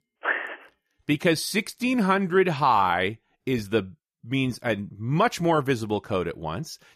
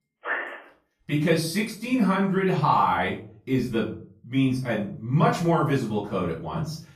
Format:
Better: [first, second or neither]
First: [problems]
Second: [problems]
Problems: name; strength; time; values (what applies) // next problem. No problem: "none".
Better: first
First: none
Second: off-mic speech; far // room echo; noticeable; dies away in 0.4 s